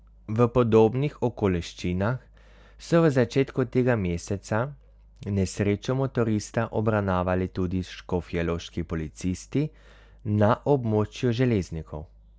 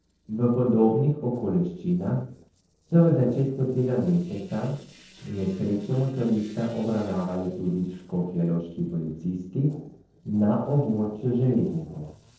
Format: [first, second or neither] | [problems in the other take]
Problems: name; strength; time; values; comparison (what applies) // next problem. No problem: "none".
first | noise reduction (neural separator model SepFormer DNS4)